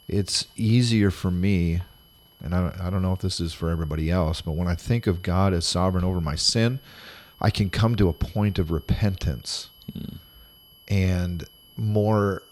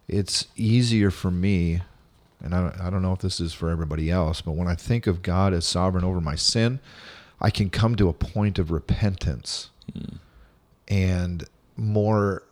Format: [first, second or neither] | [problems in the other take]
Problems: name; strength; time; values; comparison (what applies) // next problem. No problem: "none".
second | high-pitched whine; faint; throughout; 3 kHz, 25 dB below the speech